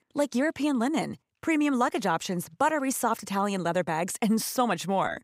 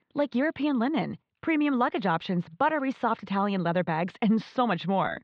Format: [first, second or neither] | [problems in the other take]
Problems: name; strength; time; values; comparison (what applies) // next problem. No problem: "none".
first | muffled; slightly; fading above 4 kHz